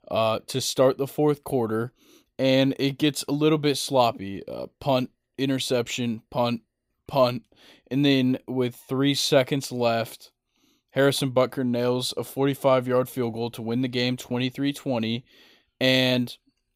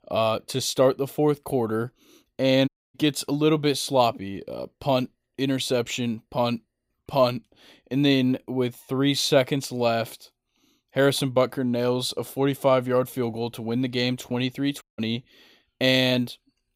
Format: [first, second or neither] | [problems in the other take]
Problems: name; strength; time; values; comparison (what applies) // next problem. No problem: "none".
first | audio cutting out; at 2.5 s and at 15 s